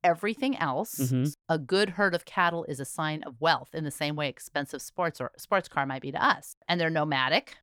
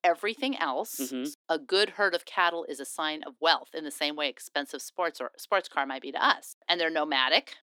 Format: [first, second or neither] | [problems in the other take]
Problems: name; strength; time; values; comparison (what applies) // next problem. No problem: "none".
first | thin; very slightly; fading below 250 Hz